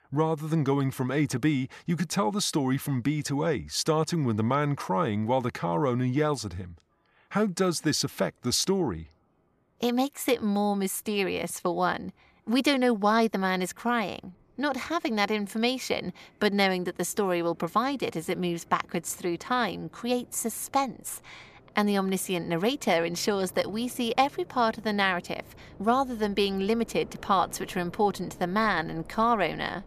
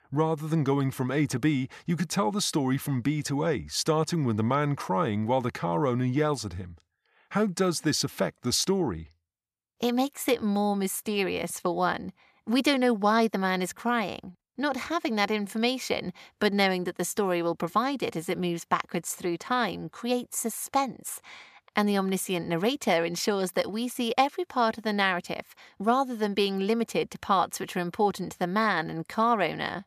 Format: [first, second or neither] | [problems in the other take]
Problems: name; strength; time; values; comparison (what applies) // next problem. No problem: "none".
second | train or aircraft noise; faint; throughout; 25 dB below the speech